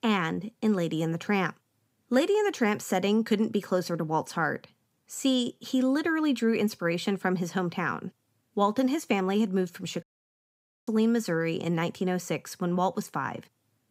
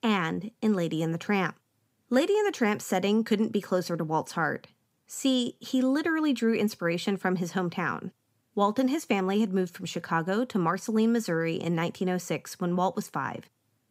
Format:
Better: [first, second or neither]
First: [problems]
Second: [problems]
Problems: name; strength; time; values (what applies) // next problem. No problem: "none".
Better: second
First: audio cutting out; at 10 s for 1 s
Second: none